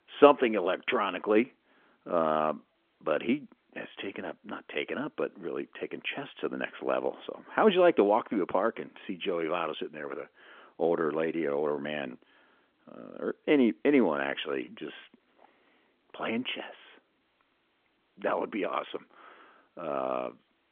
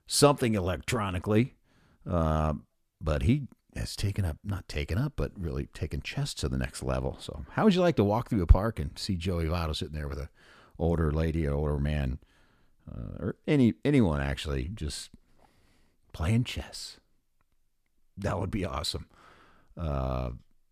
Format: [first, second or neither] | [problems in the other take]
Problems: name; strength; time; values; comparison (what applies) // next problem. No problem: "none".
second | phone-call audio; nothing above 3.5 kHz